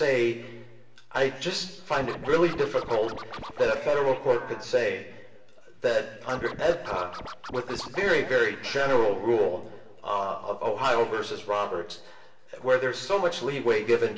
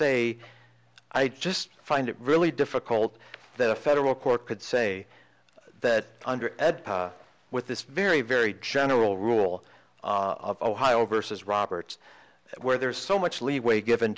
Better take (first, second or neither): second